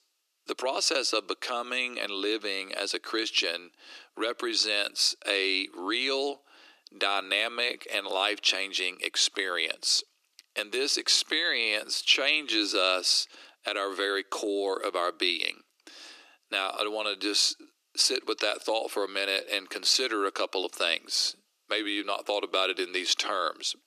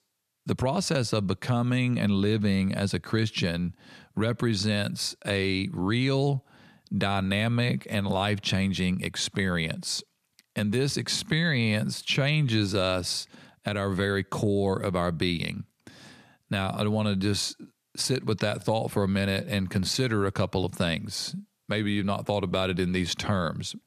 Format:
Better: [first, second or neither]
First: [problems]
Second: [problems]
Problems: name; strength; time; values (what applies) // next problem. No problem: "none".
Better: second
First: thin; very; fading below 300 Hz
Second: none